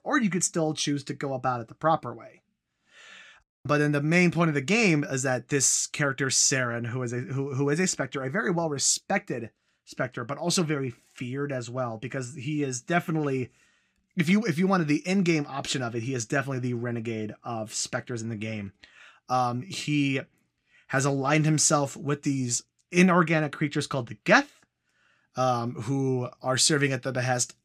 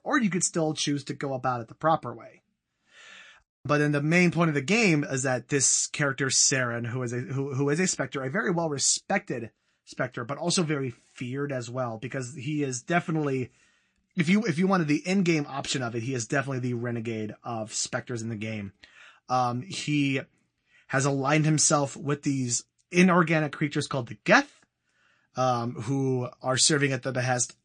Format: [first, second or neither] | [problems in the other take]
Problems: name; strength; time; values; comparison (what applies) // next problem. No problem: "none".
first | garbled, watery; slightly; nothing above 8.5 kHz